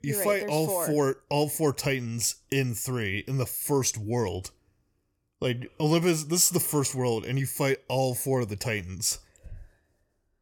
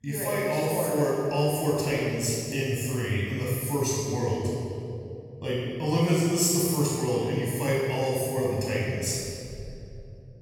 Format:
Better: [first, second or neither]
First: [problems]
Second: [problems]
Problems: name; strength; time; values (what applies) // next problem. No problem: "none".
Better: first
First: none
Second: off-mic speech; far // room echo; strong; dies away in 2.5 s